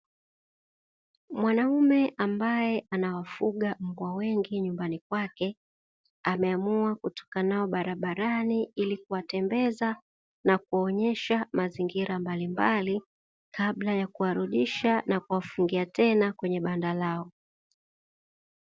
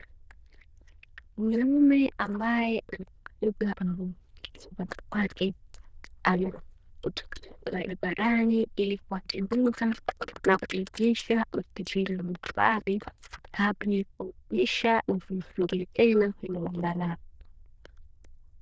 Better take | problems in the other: first | noise reduction (neural diffusion model UNIVERSE++)

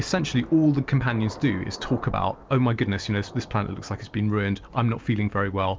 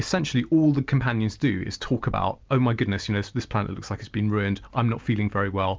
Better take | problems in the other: second | background sound (Thunder / Rain); 20 dB below the speech

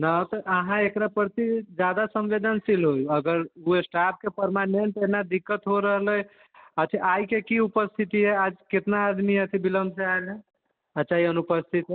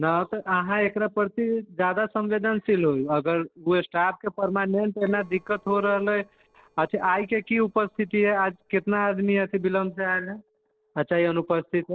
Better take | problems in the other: first | noise reduction (neural separator model SepFormer DNS4)

